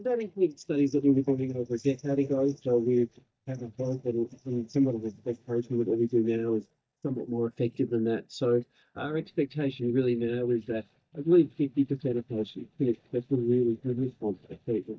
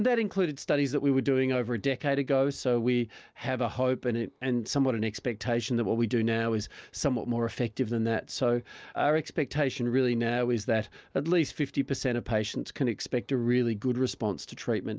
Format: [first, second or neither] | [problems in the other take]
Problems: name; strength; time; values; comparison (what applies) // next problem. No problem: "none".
second | noise reduction (neural mask model DeepFilterNet 3)